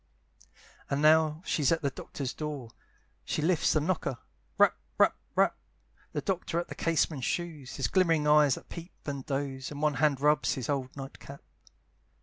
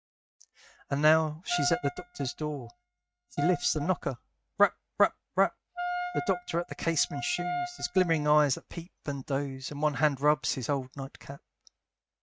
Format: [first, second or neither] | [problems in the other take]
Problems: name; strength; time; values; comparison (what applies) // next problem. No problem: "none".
first | noise reduction (neural mask model RNNoise)